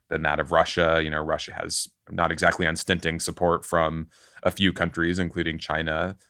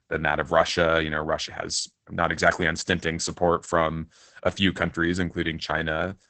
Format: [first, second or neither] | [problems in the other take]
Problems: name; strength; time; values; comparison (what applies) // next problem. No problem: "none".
first | garbled, watery; badly; nothing above 8 kHz; slightly in the first